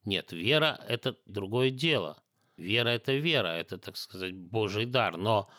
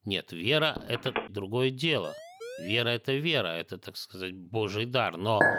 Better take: first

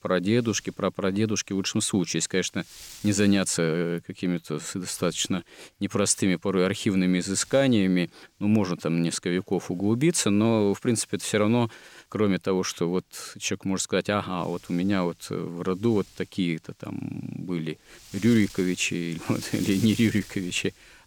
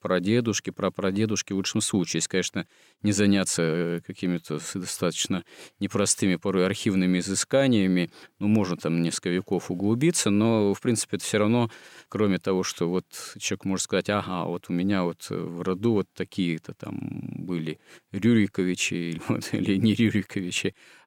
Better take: second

